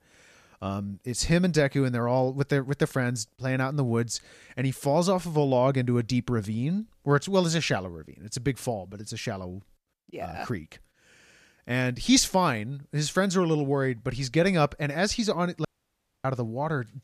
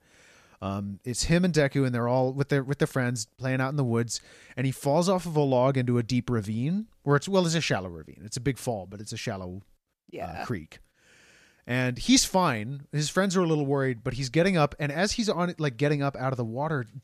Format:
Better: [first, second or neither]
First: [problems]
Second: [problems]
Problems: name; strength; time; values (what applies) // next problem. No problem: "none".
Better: second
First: audio cutting out; at 16 s for 0.5 s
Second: none